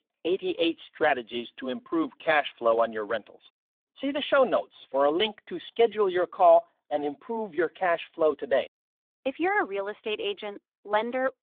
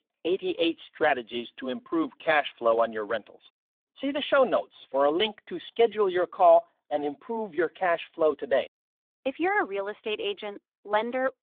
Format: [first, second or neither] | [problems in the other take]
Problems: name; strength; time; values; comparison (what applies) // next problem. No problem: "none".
neither | phone-call audio; the same in both